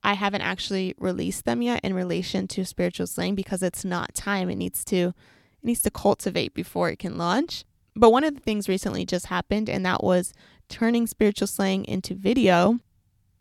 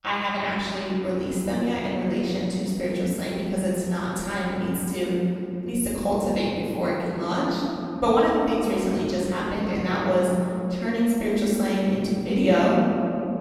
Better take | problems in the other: first | off-mic speech; far // room echo; strong; dies away in 2.9 s

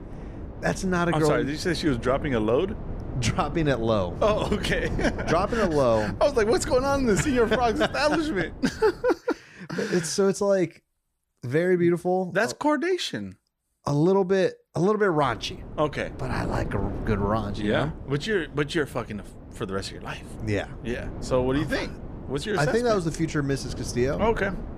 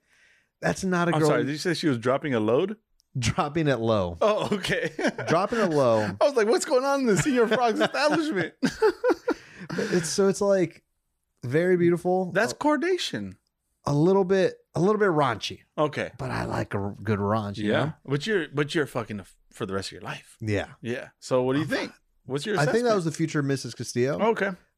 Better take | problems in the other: second | wind noise on the microphone; occasional gusts; until 9 s and from 15 s on; 15 dB below the speech

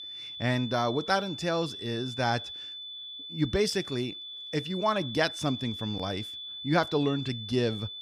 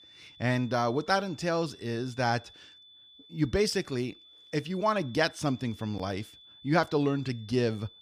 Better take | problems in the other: second | high-pitched whine; loud; throughout; 3.5 kHz, 8 dB below the speech; faint in the second

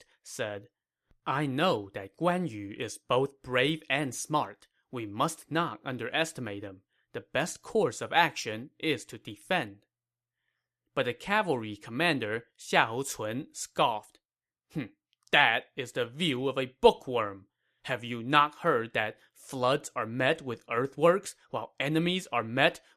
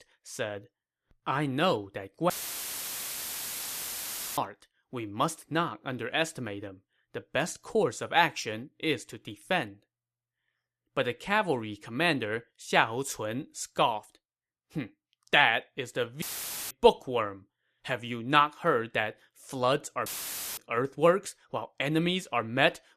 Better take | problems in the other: first | audio cutting out; filled with static; at 2.5 s for 2 s, at 16 s and at 20 s for 0.5 s

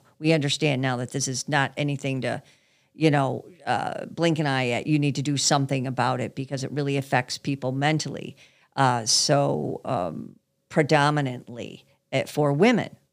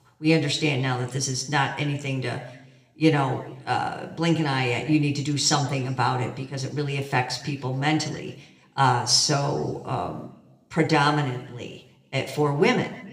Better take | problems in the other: first | room echo; very slight; dies away in 0.7 s

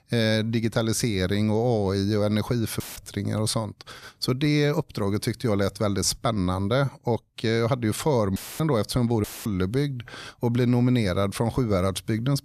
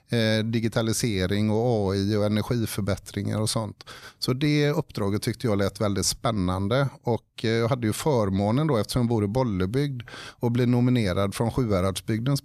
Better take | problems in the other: second | audio cutting out; filled with static; at 3 s, at 8.5 s and at 9 s

